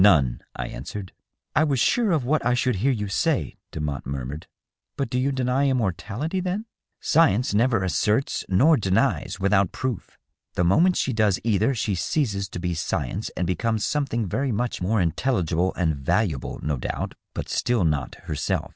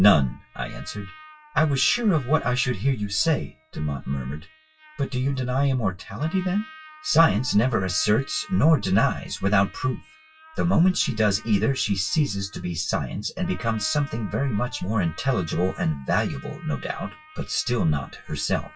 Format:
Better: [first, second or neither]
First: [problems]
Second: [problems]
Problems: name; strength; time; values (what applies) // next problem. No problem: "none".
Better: first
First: none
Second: noise reduction (classical method WPE with log-MMSE)